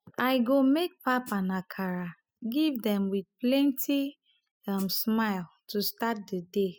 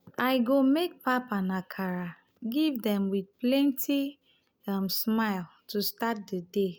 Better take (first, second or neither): second